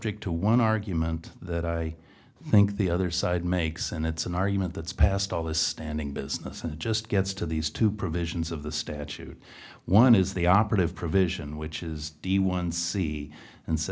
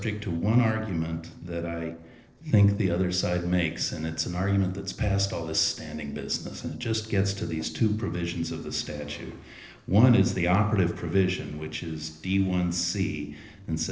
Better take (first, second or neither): first